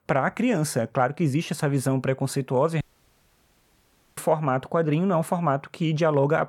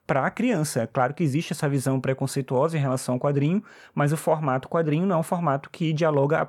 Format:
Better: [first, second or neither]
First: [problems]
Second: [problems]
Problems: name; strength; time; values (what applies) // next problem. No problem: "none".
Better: second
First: audio cutting out; at 3 s for 1.5 s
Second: none